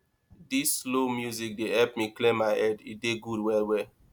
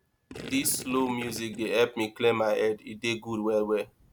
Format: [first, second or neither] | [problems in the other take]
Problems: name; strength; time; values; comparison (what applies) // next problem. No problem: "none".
first | background sound (Gurgling); 13 dB below the speech